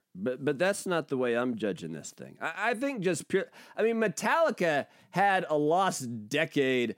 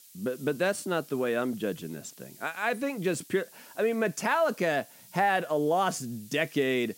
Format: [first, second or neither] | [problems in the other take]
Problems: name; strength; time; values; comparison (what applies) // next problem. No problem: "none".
first | hiss; faint; throughout; 20 dB below the speech